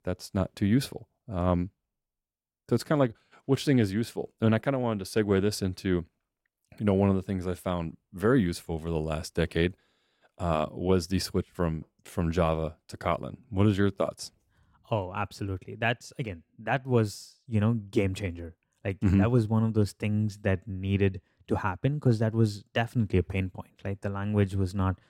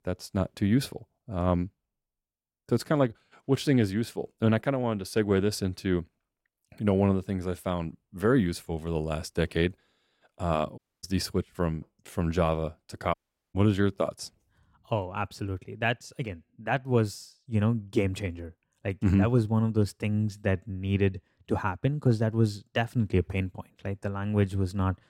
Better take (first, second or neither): first